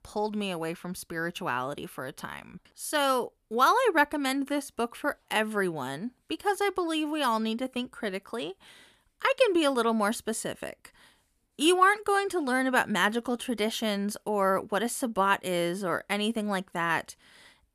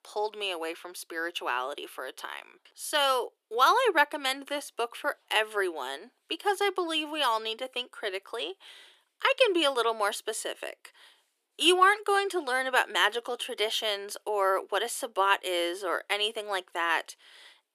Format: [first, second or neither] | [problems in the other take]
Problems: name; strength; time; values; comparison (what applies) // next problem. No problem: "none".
first | thin; very; fading below 350 Hz